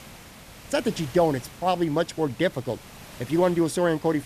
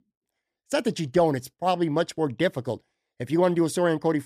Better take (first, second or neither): second